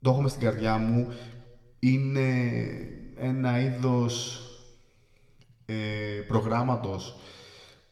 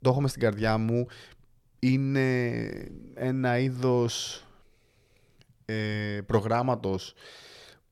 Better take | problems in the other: second | room echo; very slight; dies away in 1.2 s

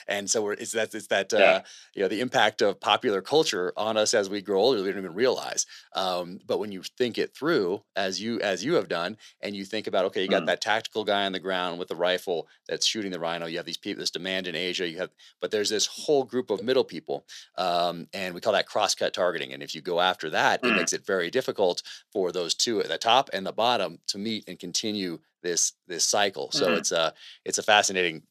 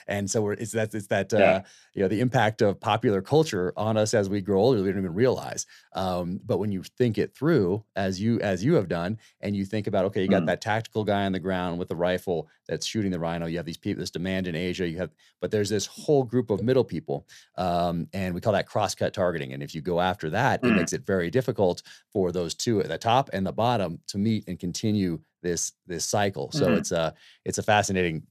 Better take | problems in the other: second | thin; somewhat; fading below 300 Hz

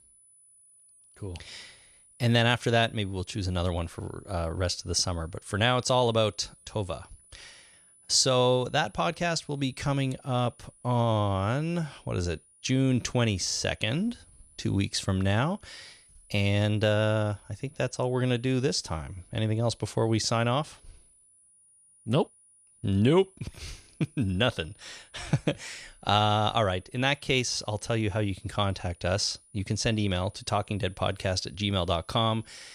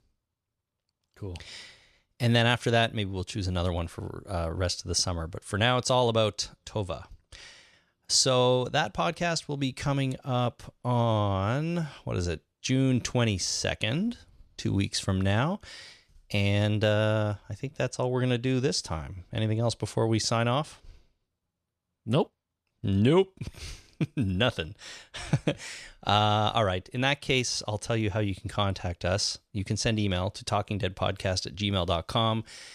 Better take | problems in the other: second | high-pitched whine; faint; throughout; 10 kHz, 30 dB below the speech

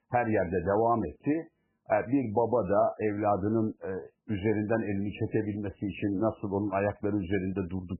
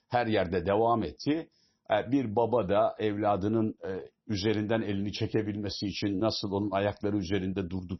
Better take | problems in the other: second | garbled, watery; badly; nothing above 3 kHz; slightly in the second

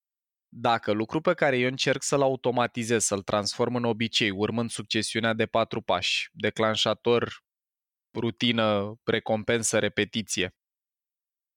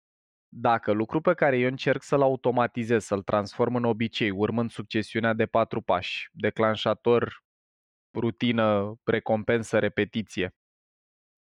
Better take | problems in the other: first | muffled; very; fading above 3.5 kHz

